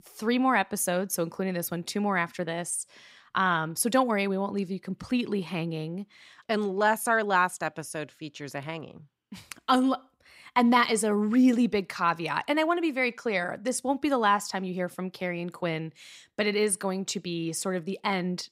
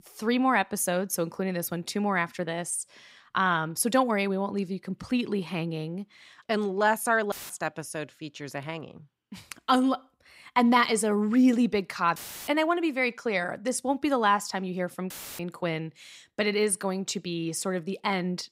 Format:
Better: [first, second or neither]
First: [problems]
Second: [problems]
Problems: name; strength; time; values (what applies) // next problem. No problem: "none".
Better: first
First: none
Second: audio cutting out; filled with static; at 7.5 s, at 12 s and at 15 s